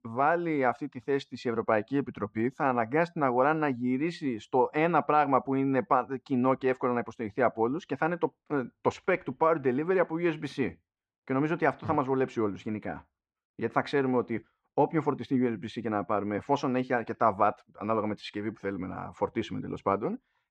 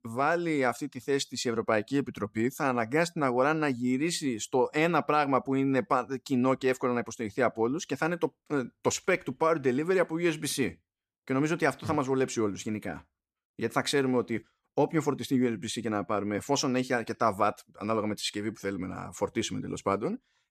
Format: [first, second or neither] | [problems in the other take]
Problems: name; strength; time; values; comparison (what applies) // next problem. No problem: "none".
second | muffled; very; fading above 2.5 kHz